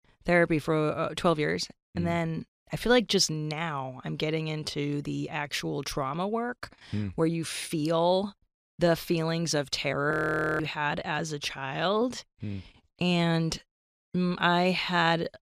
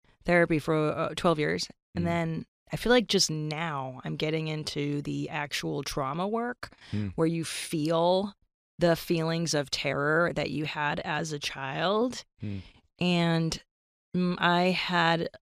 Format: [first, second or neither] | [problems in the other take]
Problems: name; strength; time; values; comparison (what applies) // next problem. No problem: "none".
second | audio freezing; at 10 s